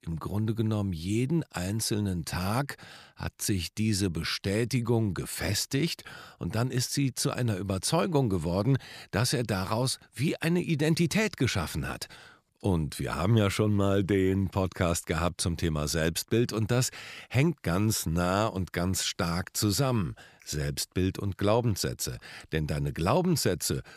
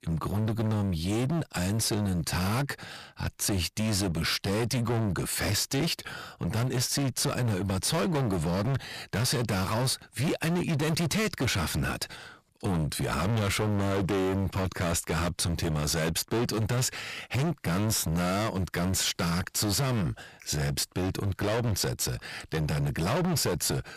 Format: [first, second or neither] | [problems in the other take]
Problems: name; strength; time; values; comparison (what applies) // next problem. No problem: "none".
first | distortion; heavy; 27% of the sound clipped